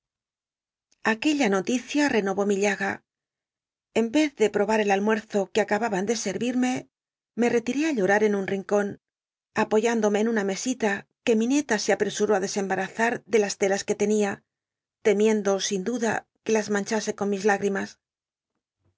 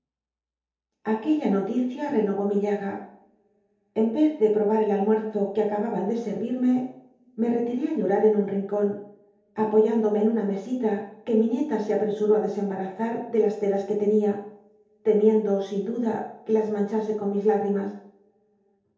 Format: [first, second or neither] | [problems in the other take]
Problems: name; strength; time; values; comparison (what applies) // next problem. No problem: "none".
first | room echo; dies away in 0.8 s